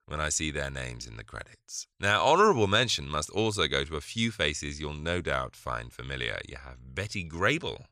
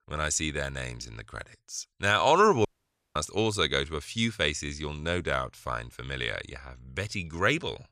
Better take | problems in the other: first | audio cutting out; at 2.5 s for 0.5 s

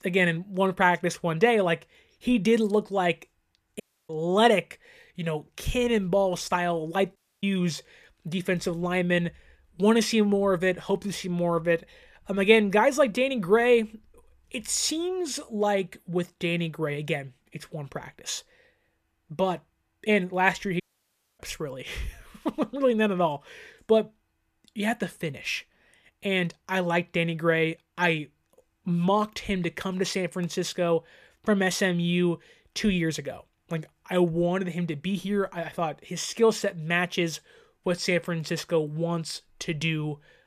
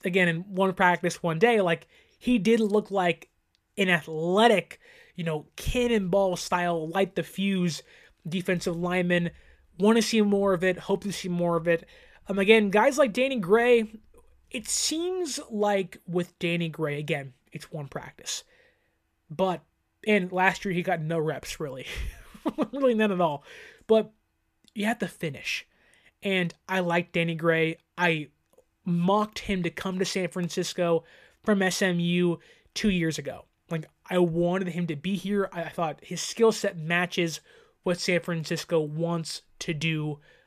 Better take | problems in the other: second | audio cutting out; at 4 s, at 7 s and at 21 s for 0.5 s

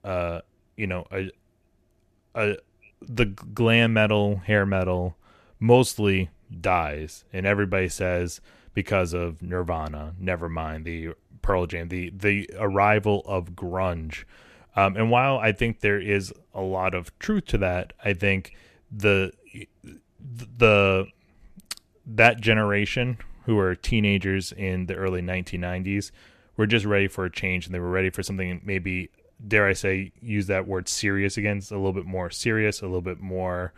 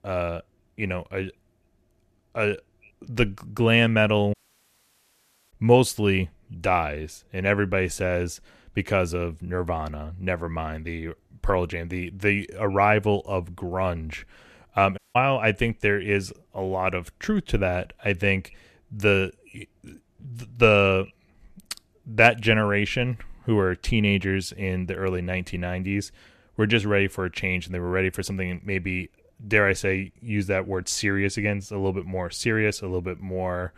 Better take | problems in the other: first | audio cutting out; at 4.5 s for 1 s and at 15 s

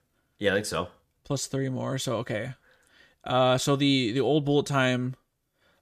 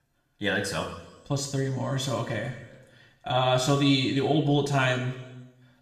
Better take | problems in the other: first | room echo; slight; dies away in 1 s // off-mic speech; somewhat distant

